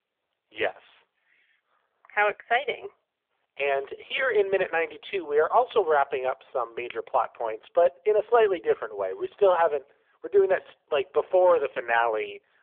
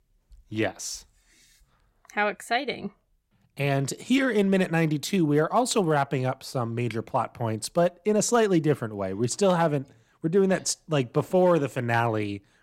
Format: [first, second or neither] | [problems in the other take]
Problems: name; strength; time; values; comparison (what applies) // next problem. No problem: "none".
second | phone-call audio; nothing above 3.5 kHz